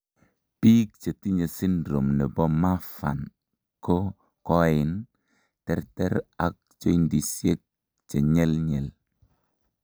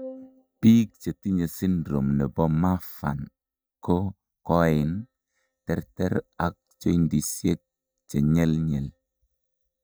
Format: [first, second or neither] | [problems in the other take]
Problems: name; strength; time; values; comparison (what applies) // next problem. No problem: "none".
first | noise reduction (neural mask model DeepFilterNet 3)